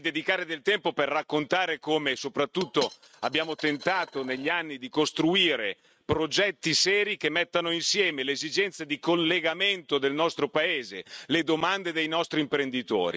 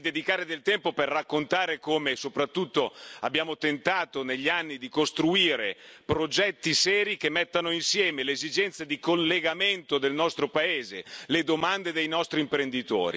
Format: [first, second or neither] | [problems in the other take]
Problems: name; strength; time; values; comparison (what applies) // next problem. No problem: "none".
second | noise reduction (neural mask model RNNoise)